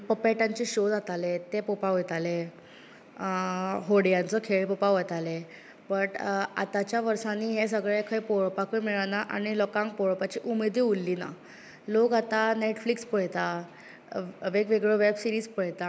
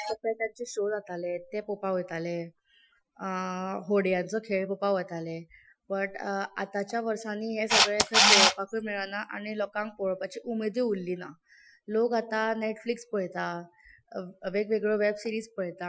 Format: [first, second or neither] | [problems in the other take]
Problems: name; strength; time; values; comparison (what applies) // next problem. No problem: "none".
first | noise reduction (classical method Wiener filter)